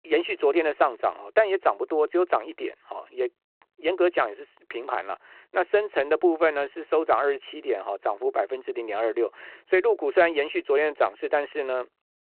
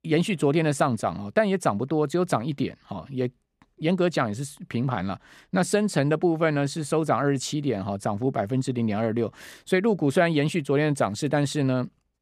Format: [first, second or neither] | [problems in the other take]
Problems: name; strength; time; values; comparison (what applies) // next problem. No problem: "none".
second | phone-call audio; nothing above 4 kHz